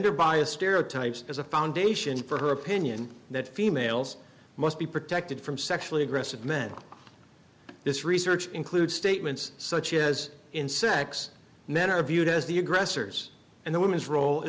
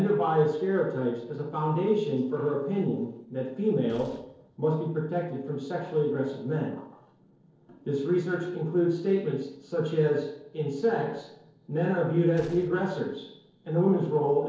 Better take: first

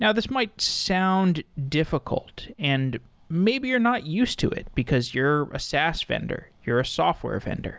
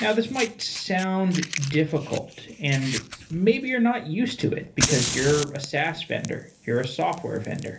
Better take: first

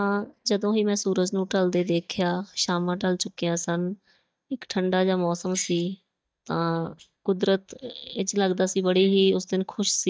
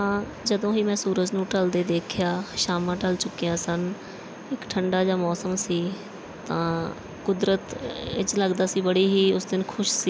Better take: second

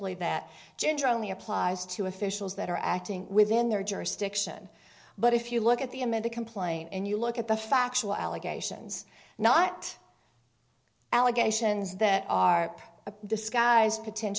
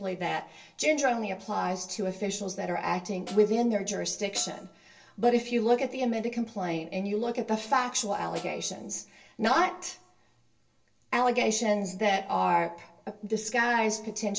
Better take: first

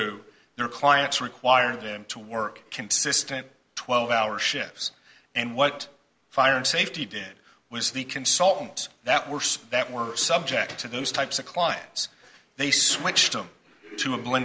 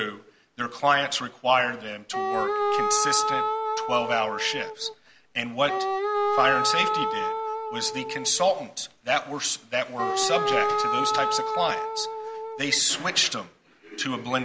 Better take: first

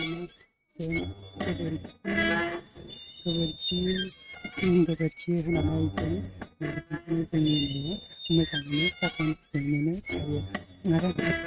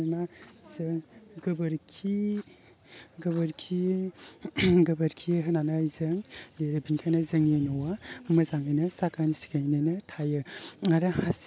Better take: second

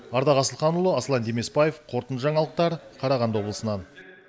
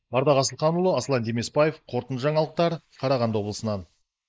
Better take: first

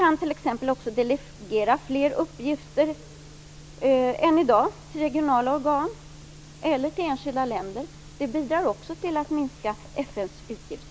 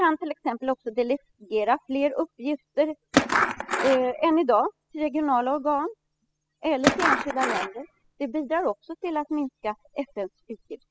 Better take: first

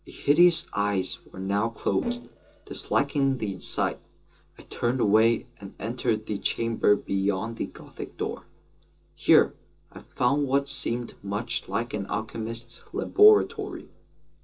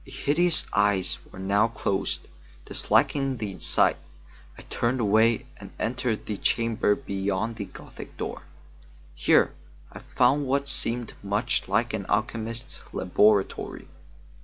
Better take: second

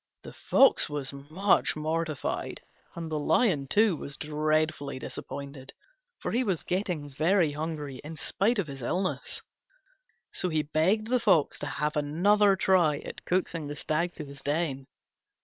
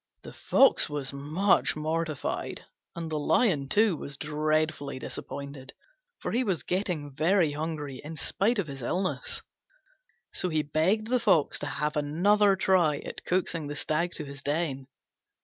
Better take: second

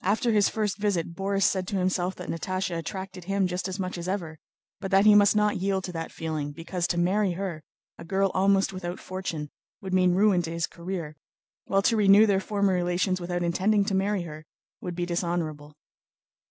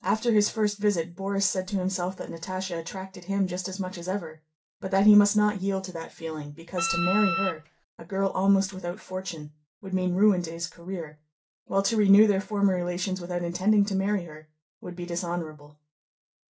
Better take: first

